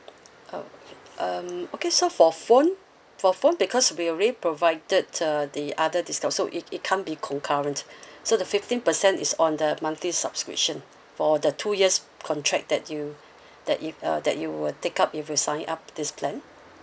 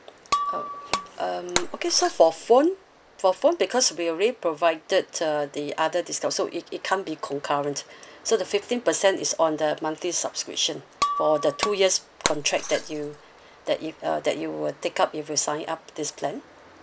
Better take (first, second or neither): first